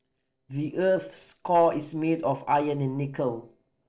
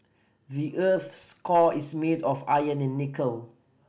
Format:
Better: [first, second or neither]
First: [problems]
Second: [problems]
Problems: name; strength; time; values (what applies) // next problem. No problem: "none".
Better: second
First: noise reduction (neural separator model SepFormer DNS4)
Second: none